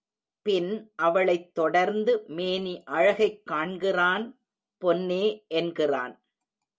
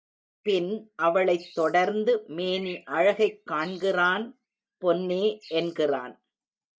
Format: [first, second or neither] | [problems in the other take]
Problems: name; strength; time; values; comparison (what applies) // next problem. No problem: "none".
first | noise reduction (neural mask model DeepFilterNet 3)